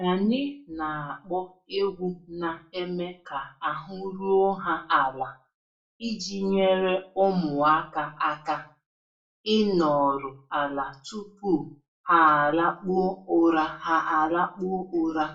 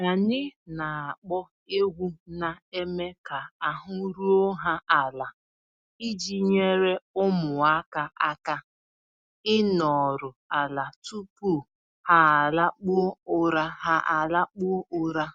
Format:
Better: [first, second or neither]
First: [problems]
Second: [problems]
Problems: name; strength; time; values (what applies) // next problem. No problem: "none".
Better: second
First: room echo; dies away in 0.3 s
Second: none